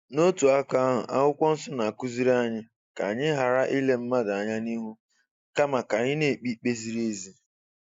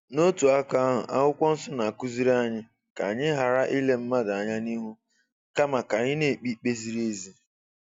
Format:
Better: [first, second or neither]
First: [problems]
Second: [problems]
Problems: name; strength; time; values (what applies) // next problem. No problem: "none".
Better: second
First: noise reduction (neural mask model Resemble Enhance denoiser)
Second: none